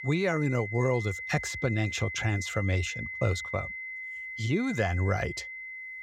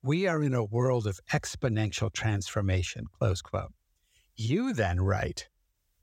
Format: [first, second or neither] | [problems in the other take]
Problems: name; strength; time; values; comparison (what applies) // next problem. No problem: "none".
second | high-pitched whine; loud; throughout; 2 kHz, 6 dB below the speech